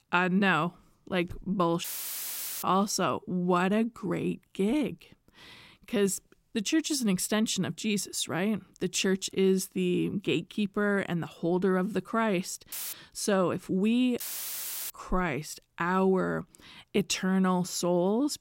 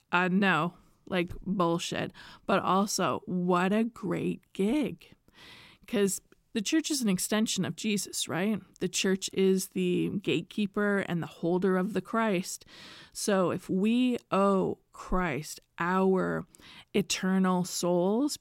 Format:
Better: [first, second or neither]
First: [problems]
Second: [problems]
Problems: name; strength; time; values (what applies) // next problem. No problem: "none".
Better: second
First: audio cutting out; filled with static; at 2 s for 1 s, at 13 s and at 14 s for 0.5 s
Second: none